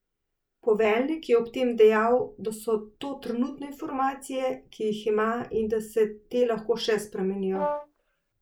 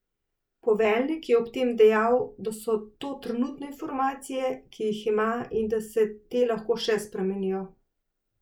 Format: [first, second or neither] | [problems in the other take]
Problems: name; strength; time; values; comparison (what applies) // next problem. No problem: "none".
second | background sound (Brass instrument); 6 dB below the speech